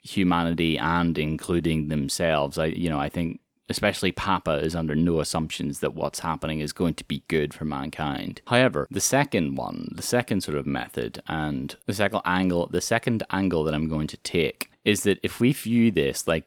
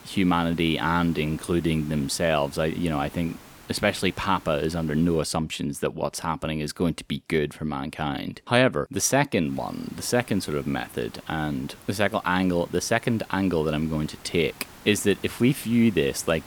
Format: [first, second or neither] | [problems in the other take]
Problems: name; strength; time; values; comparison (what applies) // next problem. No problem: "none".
first | hiss; faint; until 5 s and from 9.5 s on; 20 dB below the speech